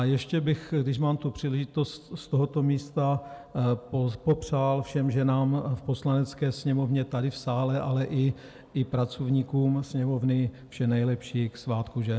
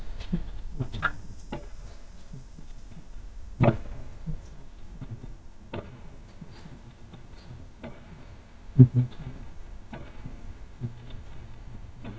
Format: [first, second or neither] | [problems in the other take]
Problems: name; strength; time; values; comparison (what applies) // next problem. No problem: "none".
first | noise reduction (neural mask model DeepFilterNet 3)